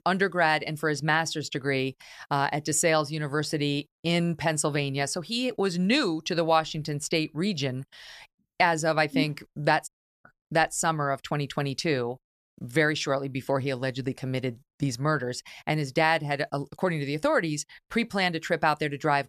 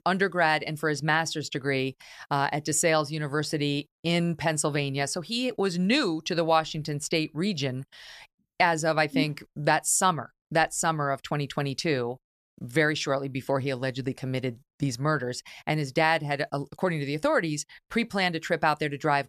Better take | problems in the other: second | audio cutting out; at 10 s

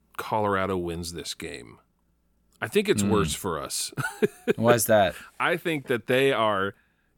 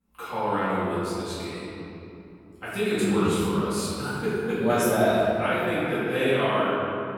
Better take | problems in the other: first | off-mic speech; far // room echo; strong; dies away in 2.8 s

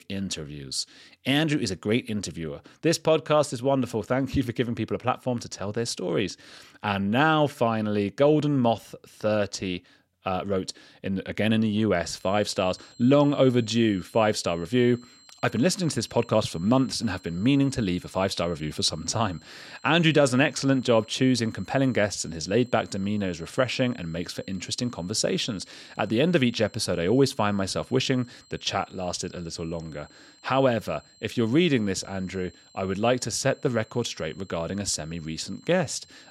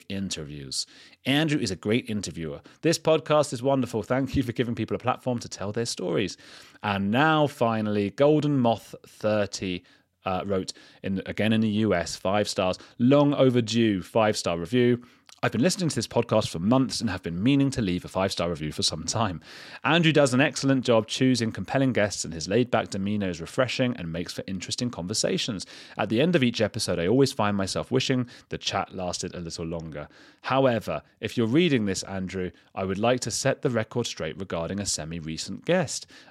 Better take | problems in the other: second | high-pitched whine; faint; from 12 s on; 4 kHz, 30 dB below the speech

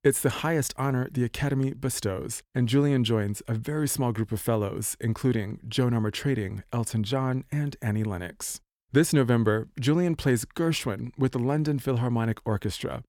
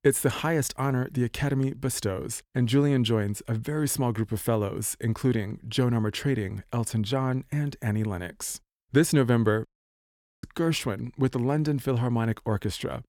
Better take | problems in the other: first | audio cutting out; at 9.5 s for 1 s

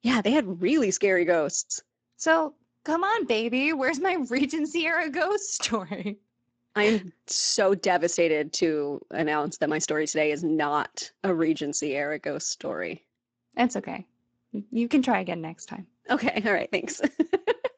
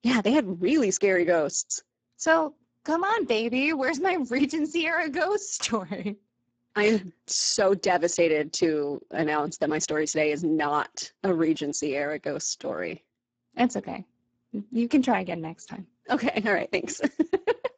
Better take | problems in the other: first | garbled, watery; badly; nothing above 7.5 kHz; slightly in the first

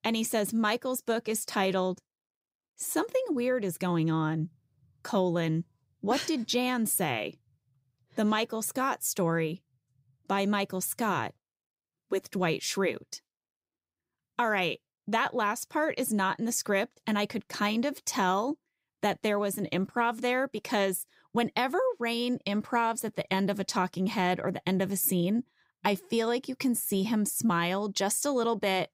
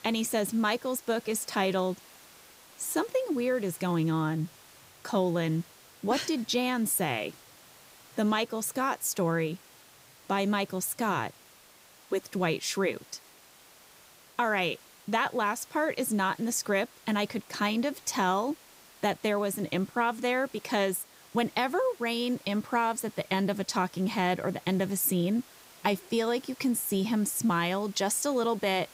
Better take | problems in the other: first | hiss; faint; throughout; 25 dB below the speech

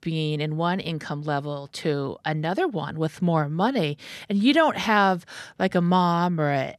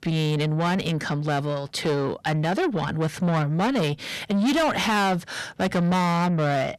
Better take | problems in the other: first | distortion; heavy; 7 dB below the speech

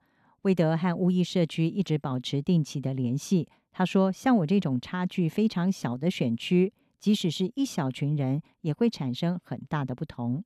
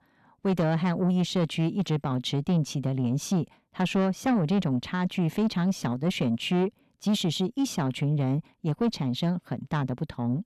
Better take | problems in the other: first | distortion; slight; 10 dB below the speech

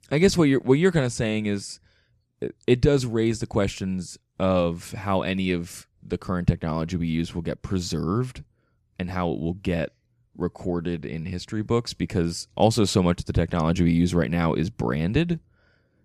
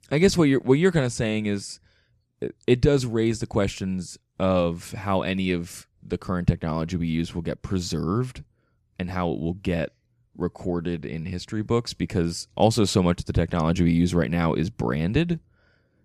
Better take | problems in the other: neither | none

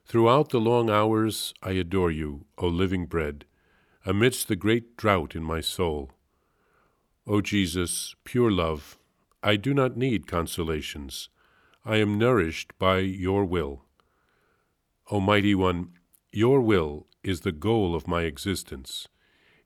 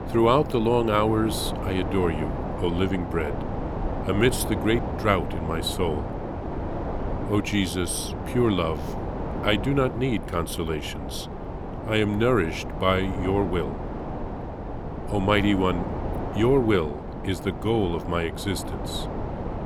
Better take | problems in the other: first | wind noise on the microphone; heavy; 8 dB below the speech

